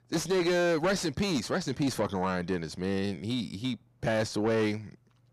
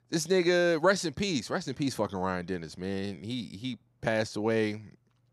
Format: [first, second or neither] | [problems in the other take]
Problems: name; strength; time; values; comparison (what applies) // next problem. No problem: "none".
second | distortion; heavy; 7 dB below the speech